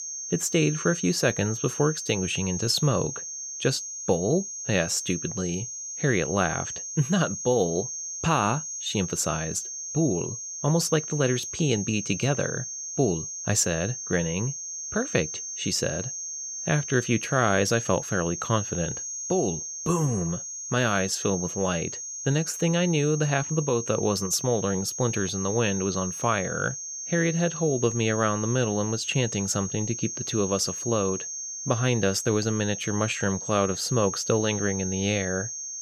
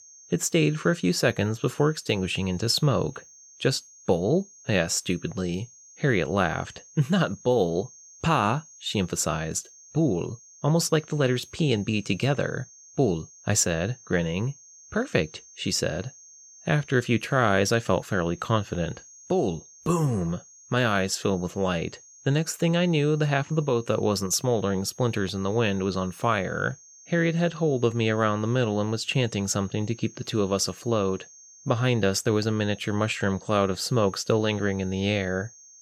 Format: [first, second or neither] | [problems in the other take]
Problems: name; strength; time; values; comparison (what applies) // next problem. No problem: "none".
second | high-pitched whine; loud; throughout; 6.5 kHz, 6 dB below the speech; faint in the second